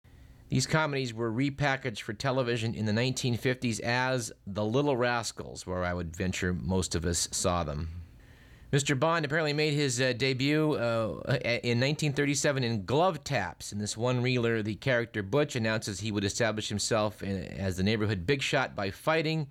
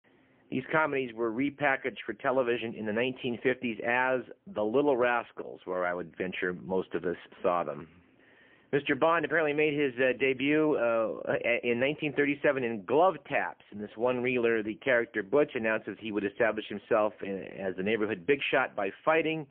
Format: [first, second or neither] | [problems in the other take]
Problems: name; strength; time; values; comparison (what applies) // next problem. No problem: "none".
first | phone-call audio; poor line